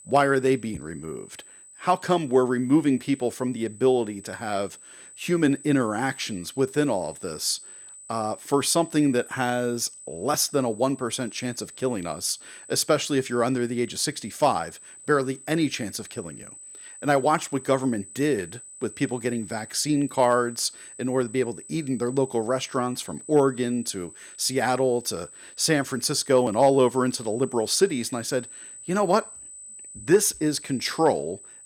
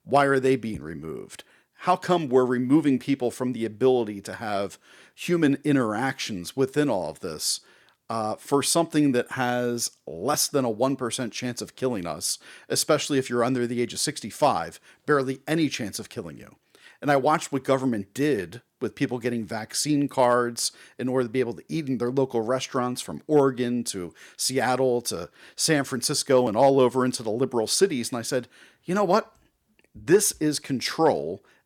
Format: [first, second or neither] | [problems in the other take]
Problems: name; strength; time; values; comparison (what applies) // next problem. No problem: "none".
second | high-pitched whine; noticeable; throughout; 8 kHz, 15 dB below the speech